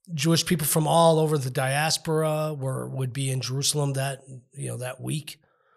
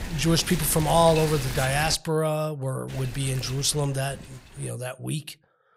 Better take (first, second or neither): first